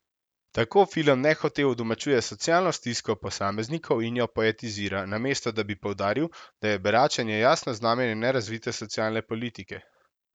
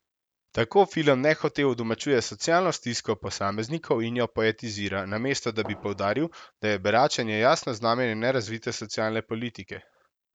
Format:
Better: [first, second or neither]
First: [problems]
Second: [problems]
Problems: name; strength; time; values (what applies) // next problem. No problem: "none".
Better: first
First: none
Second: background sound (Fireworks); 18 dB below the speech